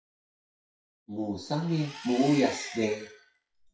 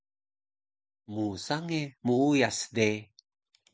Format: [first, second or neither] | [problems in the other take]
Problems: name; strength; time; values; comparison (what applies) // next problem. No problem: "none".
second | noise reduction (classical method WPE with log-MMSE)